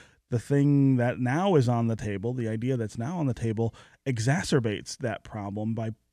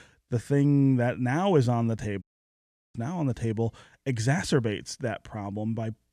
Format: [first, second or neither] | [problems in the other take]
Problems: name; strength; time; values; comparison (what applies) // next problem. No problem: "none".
first | audio cutting out; at 2 s for 0.5 s